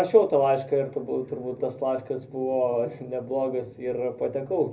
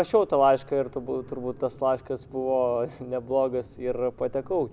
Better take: second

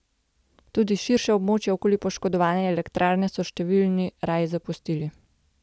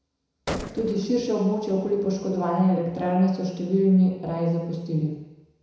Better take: first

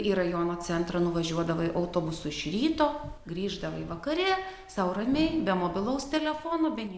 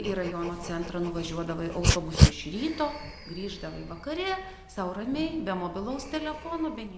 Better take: first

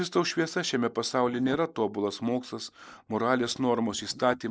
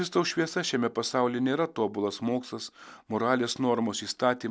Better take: second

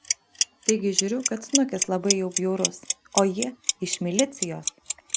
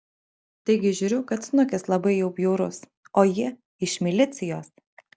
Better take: second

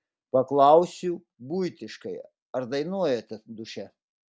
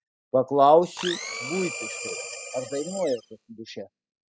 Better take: first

